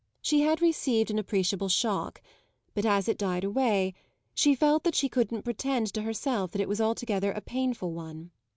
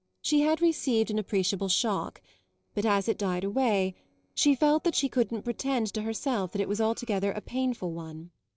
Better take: first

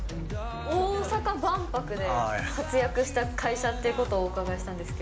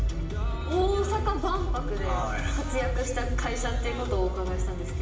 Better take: first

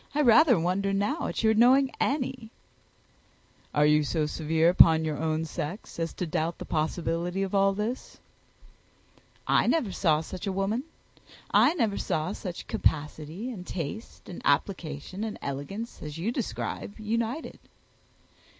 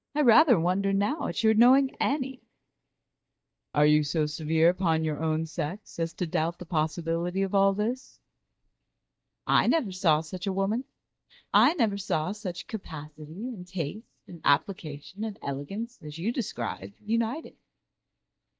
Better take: first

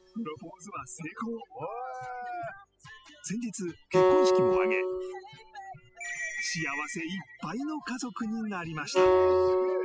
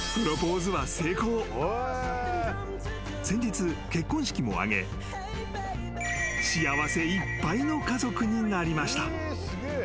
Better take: second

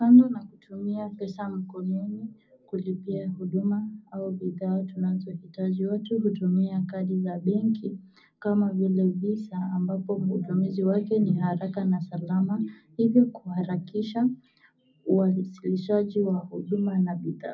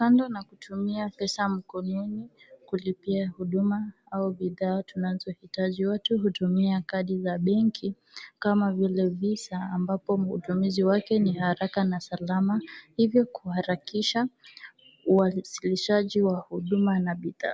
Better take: second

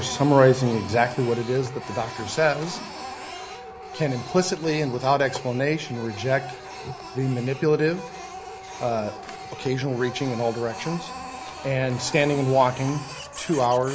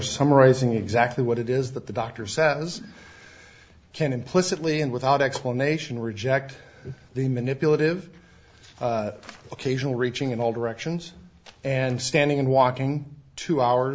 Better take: second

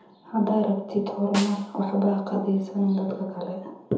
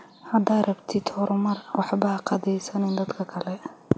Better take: second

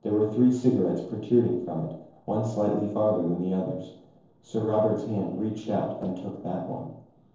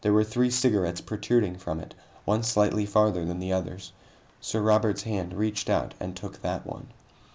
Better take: second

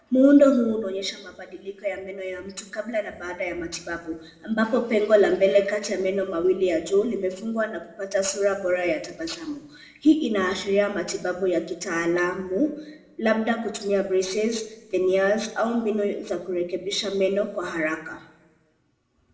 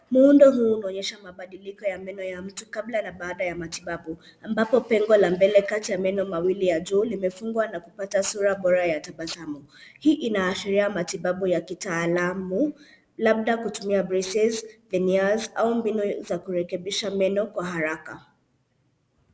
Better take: second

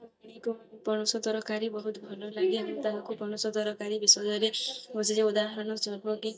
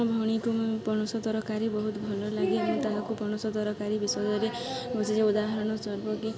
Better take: second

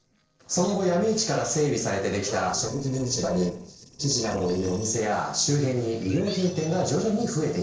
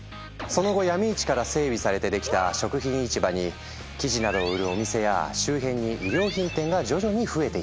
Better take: second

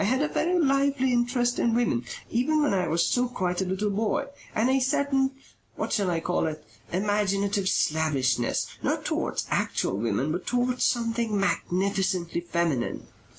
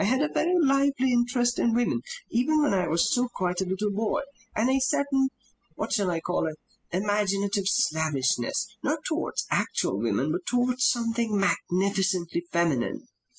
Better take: first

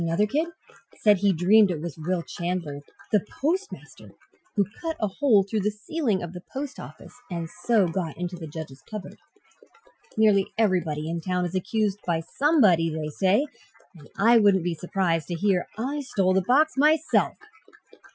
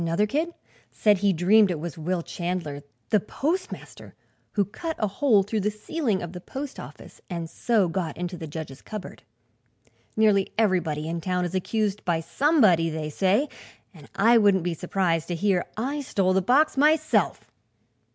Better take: second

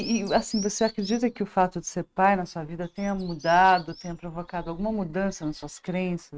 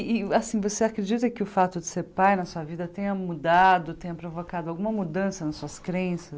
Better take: second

